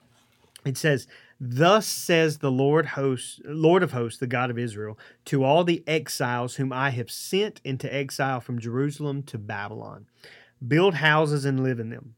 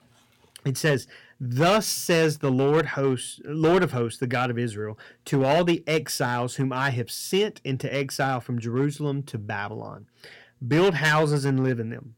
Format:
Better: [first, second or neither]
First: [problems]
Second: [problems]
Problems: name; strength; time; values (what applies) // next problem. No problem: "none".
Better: first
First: none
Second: distortion; slight; 4% of the sound clipped